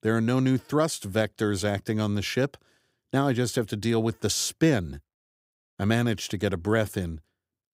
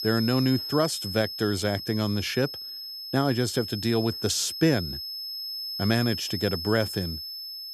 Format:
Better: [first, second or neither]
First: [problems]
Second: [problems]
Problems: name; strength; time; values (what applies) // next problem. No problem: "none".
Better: first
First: none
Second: high-pitched whine; loud; throughout; 5 kHz, 6 dB below the speech